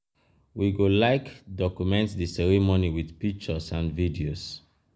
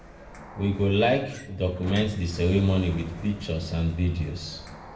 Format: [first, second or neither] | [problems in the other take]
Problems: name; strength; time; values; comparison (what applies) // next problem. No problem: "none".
first | background sound (Sliding door); 16 dB below the speech // room echo; dies away in 0.7 s